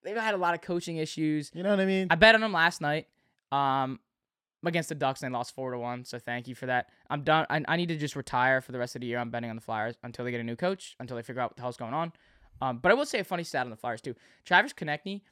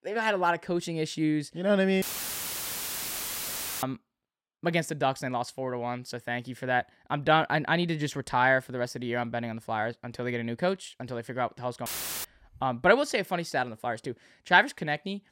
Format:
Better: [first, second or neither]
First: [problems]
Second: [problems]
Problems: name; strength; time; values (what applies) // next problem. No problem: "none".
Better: first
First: none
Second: audio cutting out; filled with static; at 2 s for 2 s and at 12 s